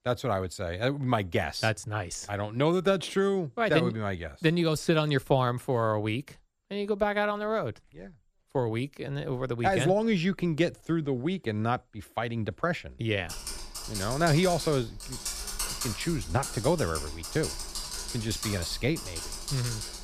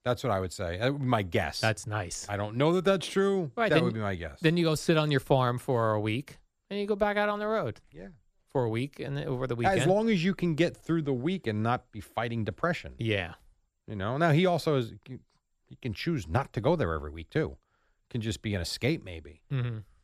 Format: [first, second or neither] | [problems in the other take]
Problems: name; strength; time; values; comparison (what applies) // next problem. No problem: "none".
second | keyboard typing; noticeable; from 13 s on; peak 2 dB below the speech